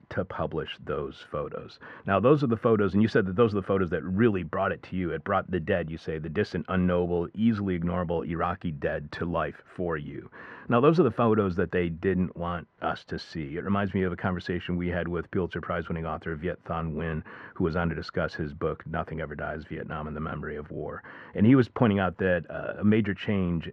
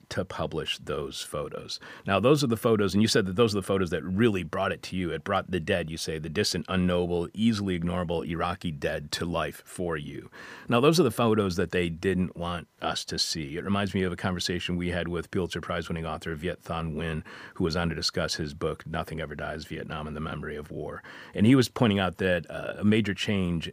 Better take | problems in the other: second | muffled; very; fading above 1.5 kHz

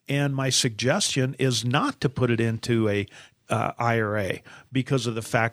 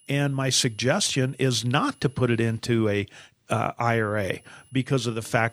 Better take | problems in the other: first | high-pitched whine; faint; until 2.5 s and from 4 s on; 10 kHz, 30 dB below the speech

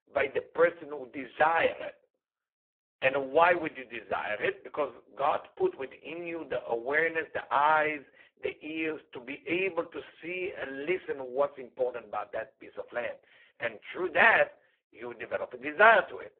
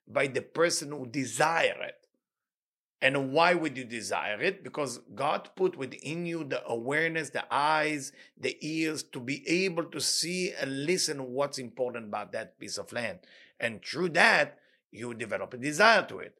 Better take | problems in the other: second | phone-call audio; poor line

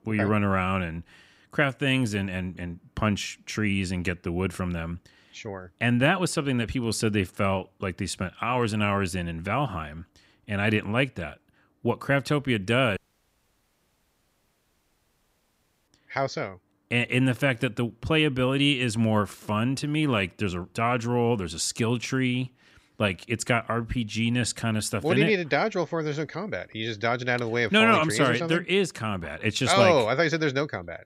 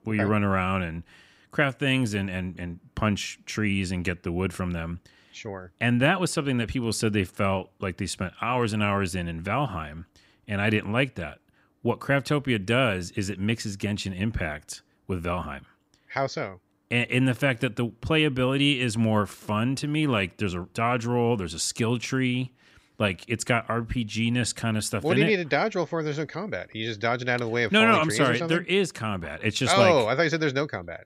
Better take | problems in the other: second | audio cutting out; at 13 s for 3 s

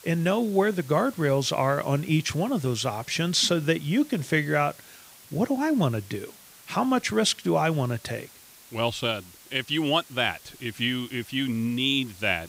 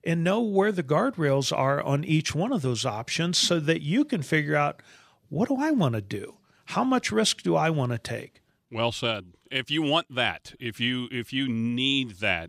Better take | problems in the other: second | hiss; faint; throughout; 20 dB below the speech

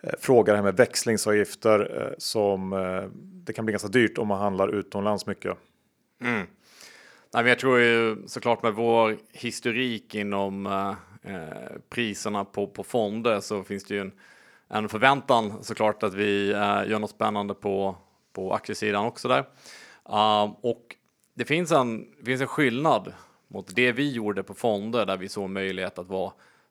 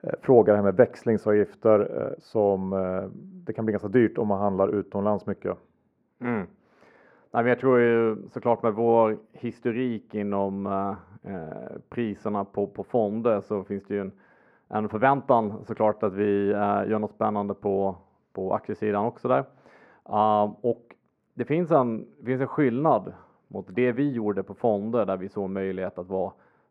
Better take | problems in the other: first | muffled; very; fading above 2.5 kHz

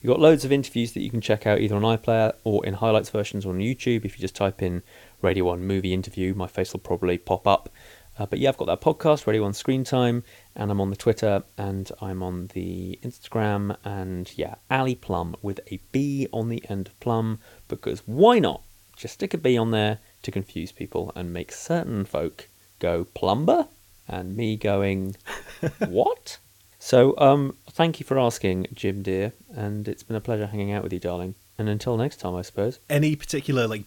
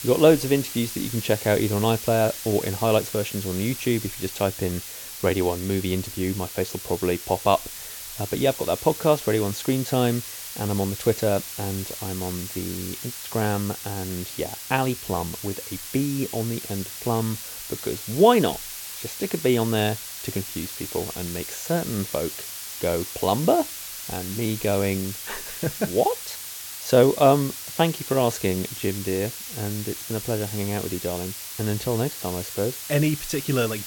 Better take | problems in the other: first | hiss; loud; throughout; 8 dB below the speech; faint in the first

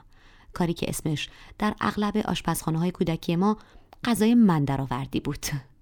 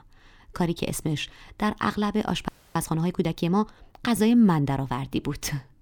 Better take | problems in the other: first | audio freezing; at 2.5 s

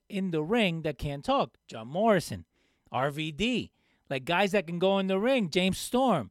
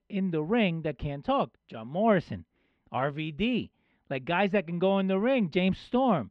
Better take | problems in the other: first | muffled; slightly; fading above 3 kHz

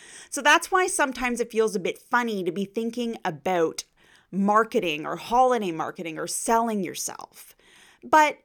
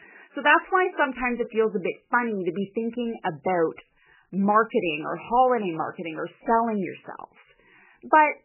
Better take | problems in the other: first | garbled, watery; badly; nothing above 3 kHz

